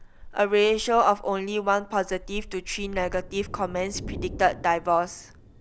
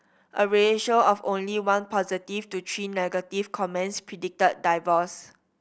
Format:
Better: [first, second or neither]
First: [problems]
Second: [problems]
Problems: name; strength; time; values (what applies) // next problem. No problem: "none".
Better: second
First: background sound (Thunder); 14 dB below the speech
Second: none